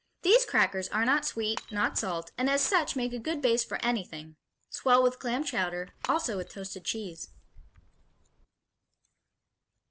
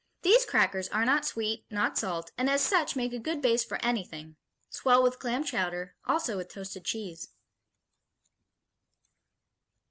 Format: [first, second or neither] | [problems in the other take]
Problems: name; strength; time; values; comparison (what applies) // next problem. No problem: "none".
second | background sound (Shatter / Crushing); 20 dB below the speech